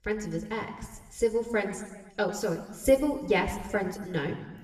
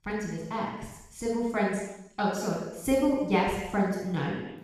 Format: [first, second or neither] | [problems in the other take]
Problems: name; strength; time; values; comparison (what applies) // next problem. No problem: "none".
first | room echo; strong; dies away in 0.9 s; slight in the first // off-mic speech; far; somewhat distant in the first